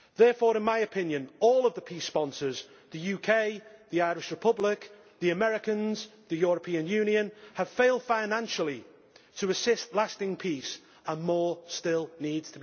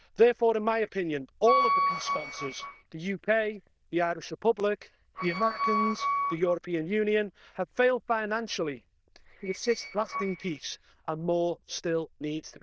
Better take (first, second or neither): first